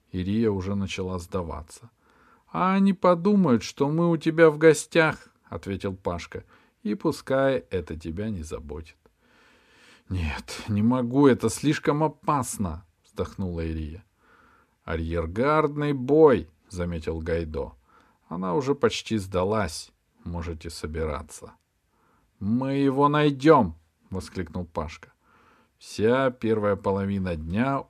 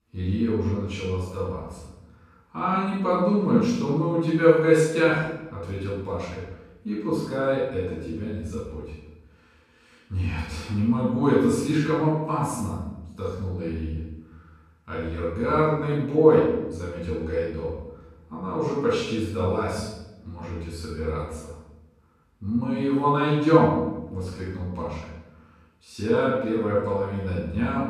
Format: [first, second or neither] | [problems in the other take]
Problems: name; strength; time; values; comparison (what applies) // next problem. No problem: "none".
first | off-mic speech; far // room echo; strong; dies away in 0.9 s